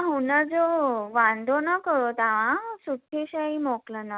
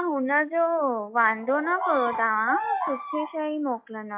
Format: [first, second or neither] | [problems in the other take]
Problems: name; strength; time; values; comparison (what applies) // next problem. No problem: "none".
first | noise reduction (classical method log-MMSE)